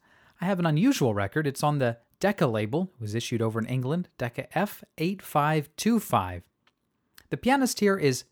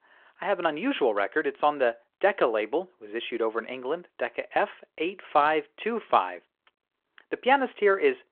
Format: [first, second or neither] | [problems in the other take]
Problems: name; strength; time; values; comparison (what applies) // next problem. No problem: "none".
first | phone-call audio